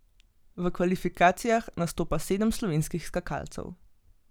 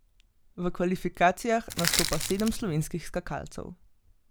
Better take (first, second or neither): first